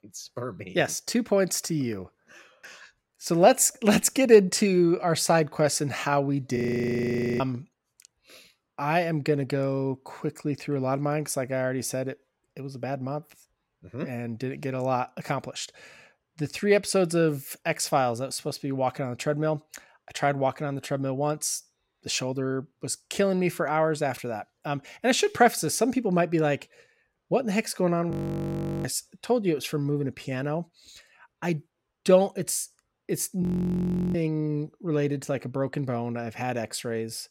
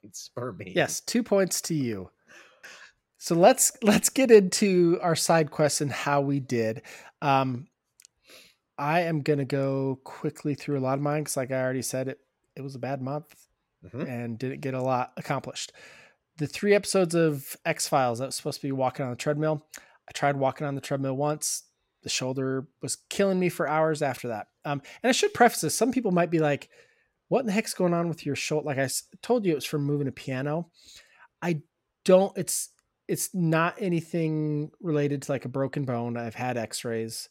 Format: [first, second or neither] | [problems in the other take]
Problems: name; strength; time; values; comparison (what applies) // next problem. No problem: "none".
second | audio freezing; at 6.5 s for 1 s, at 28 s for 0.5 s and at 33 s for 0.5 s